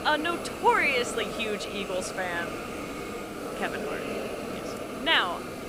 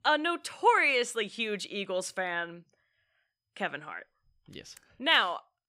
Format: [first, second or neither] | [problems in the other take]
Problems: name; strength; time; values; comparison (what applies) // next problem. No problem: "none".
second | hiss; loud; throughout; 7 dB below the speech